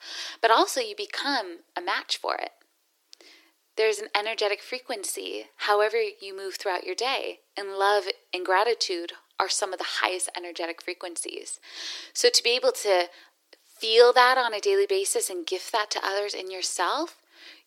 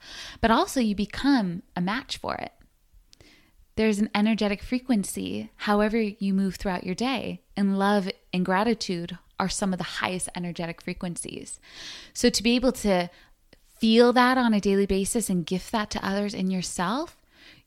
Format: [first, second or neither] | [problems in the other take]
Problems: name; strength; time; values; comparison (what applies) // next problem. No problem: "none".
second | thin; very; fading below 300 Hz